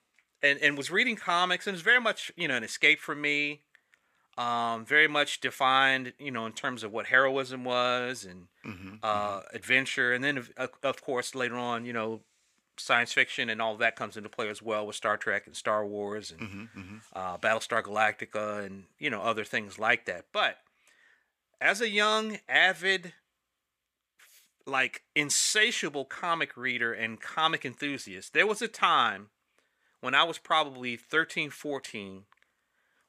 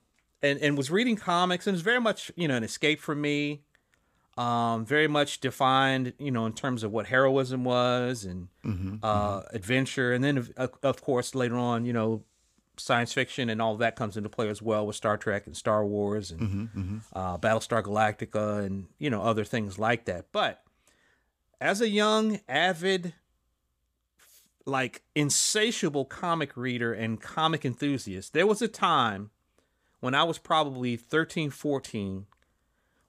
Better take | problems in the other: second | thin; somewhat; fading below 500 Hz

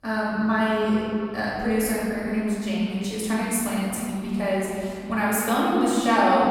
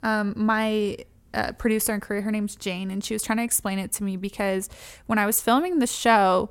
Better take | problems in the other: second | room echo; strong; dies away in 2.9 s // off-mic speech; far

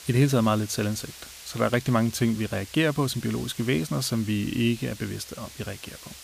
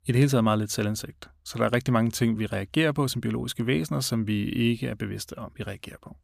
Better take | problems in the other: second | hiss; noticeable; throughout; 15 dB below the speech

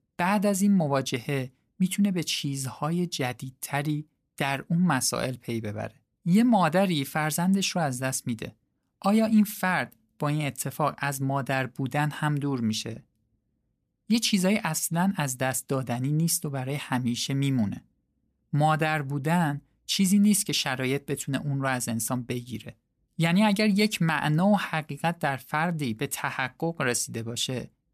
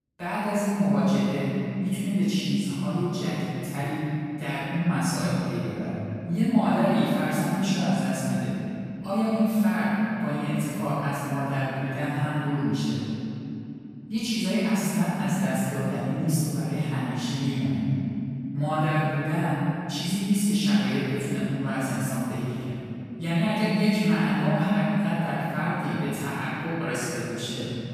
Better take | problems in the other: first | room echo; strong; dies away in 3 s // off-mic speech; far

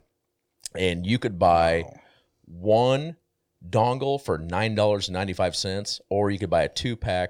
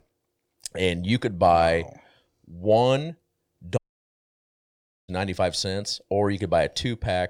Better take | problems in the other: first | audio cutting out; at 4 s for 1.5 s

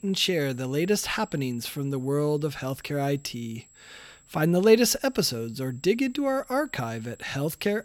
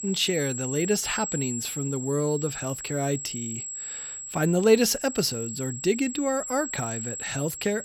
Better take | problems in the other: first | high-pitched whine; loud; throughout; 7.5 kHz, 6 dB below the speech; faint in the first

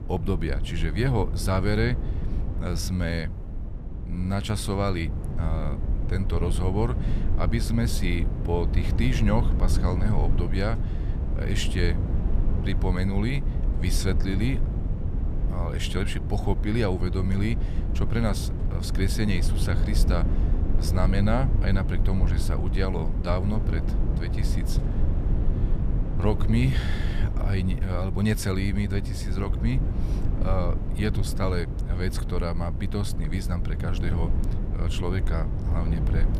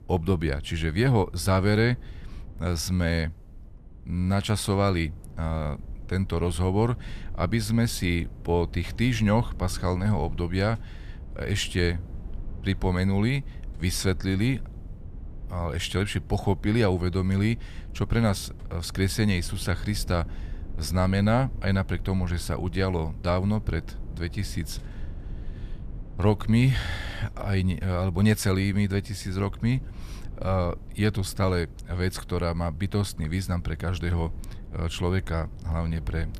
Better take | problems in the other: second | low rumble; loud; throughout; 8 dB below the speech; faint in the second

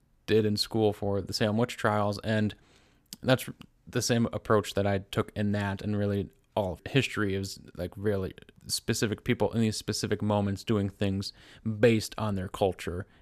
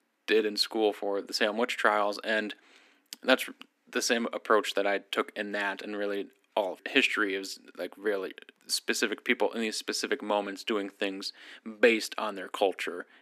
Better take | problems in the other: first | thin; somewhat; fading below 250 Hz

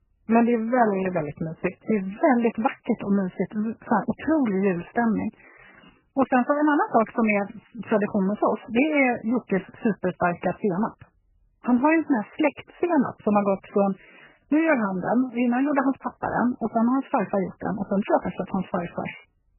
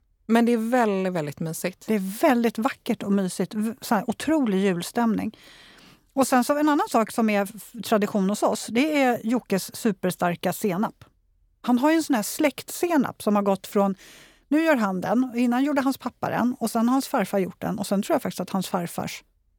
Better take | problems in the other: second | garbled, watery; badly; nothing above 2.5 kHz

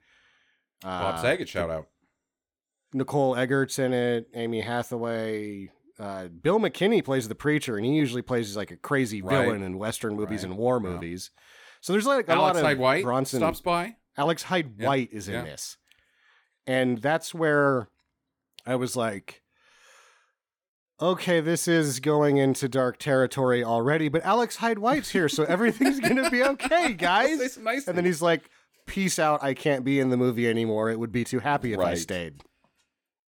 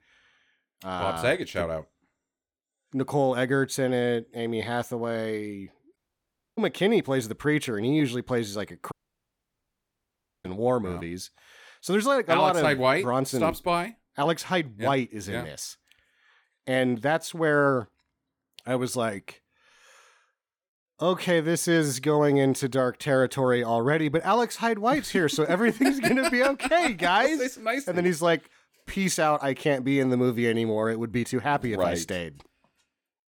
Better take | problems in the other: first | audio cutting out; at 6 s for 0.5 s and at 9 s for 1.5 s

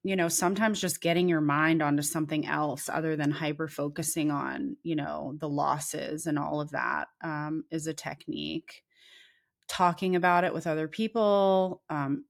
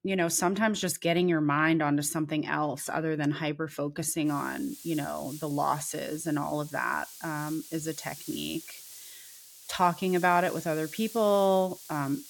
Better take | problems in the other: first | hiss; noticeable; from 4.5 s on; 15 dB below the speech

